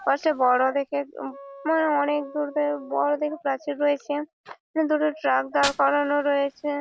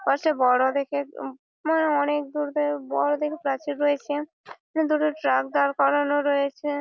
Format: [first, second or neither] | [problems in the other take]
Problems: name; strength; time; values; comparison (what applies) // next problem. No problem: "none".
second | background sound (Fire + Wind instrument, woodwind instrument); 18 dB below the speech